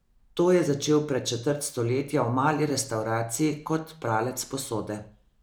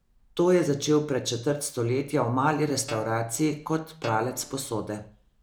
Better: first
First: none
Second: background sound (Guitar); 17 dB below the speech

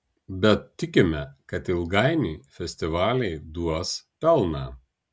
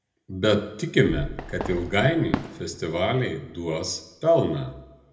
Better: first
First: none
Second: background sound (Fireworks); 10 dB below the speech // room echo; dies away in 0.7 s

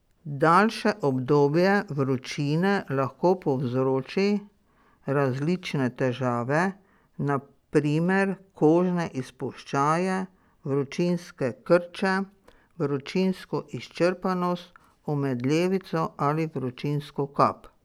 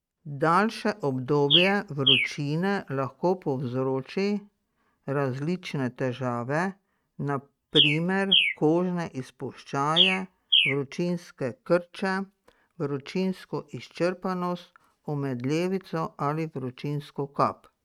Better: first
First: none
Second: noise reduction (neural mask model RNNoise)

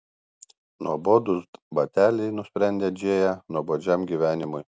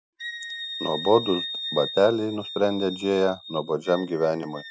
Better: first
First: none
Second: noise reduction (classical method Wiener filter)

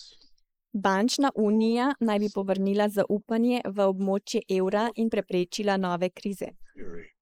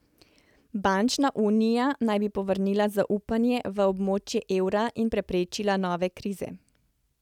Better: second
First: noise reduction (neural mask model Resemble Enhance denoiser)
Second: none

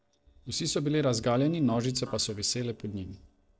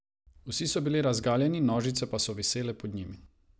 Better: second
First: noise reduction (neural separator model SepFormer DNS4)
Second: none

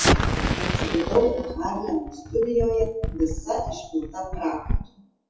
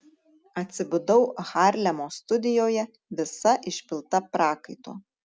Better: second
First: noise reduction (classical method WPE with log-MMSE)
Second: none

